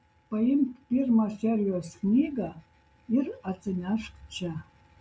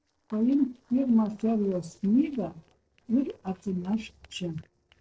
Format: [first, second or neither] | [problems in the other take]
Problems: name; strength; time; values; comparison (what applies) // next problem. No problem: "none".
first | noise reduction (neural separator model SepFormer DNS4)